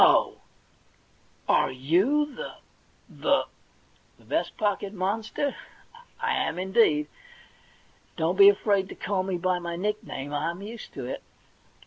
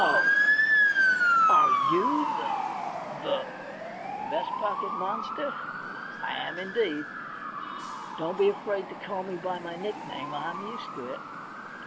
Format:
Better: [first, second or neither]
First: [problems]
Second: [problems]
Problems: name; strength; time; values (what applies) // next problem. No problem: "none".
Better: first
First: none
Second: background sound (Motor vehicle (road) / Siren); 5 dB above the speech